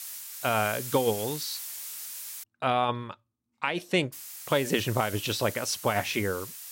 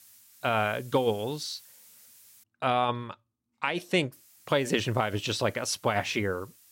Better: second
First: hiss; loud; until 2.5 s and from 4 s on; 9 dB below the speech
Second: hiss; faint; until 2.5 s and from 4 s on; 25 dB below the speech

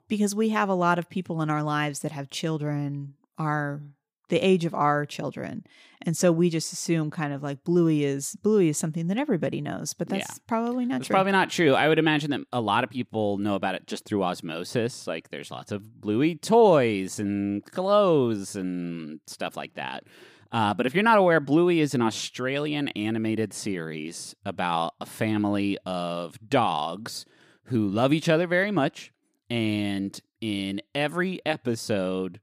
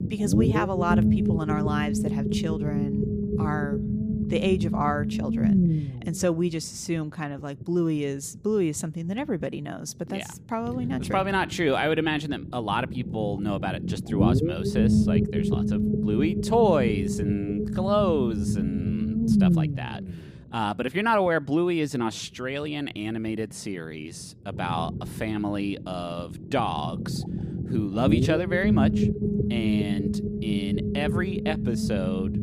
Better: first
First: none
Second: low rumble; loud; throughout; 4 dB below the speech

